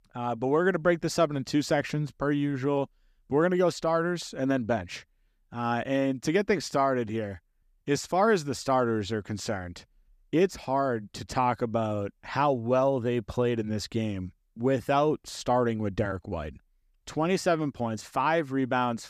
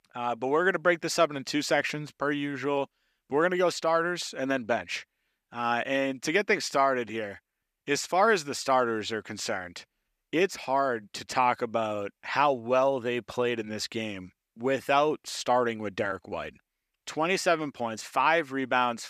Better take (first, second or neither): first